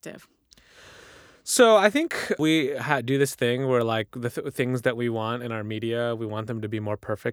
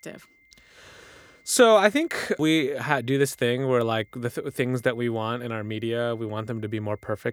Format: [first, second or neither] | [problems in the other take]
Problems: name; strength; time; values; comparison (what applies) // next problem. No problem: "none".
first | high-pitched whine; faint; throughout; 2 kHz, 35 dB below the speech